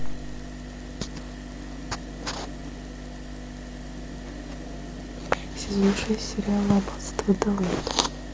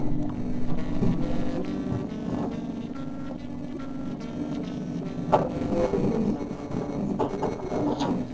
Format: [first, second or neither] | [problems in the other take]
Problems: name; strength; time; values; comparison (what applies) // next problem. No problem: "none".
first | noise reduction (neural separator model SepFormer DNS4)